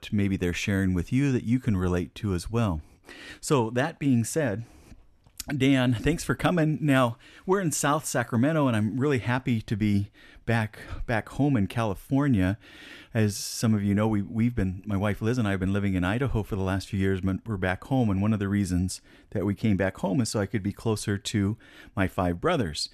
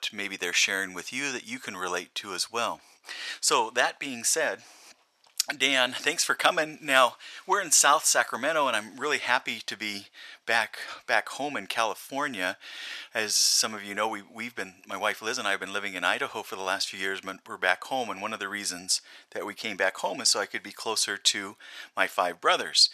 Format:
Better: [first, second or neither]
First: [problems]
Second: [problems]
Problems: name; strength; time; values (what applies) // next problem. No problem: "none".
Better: first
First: none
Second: thin; very; fading below 800 Hz